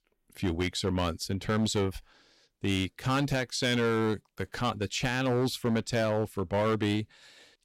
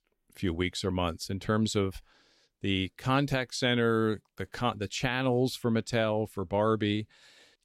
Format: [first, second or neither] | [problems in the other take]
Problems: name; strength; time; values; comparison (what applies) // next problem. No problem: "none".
second | distortion; slight; 9% of the sound clipped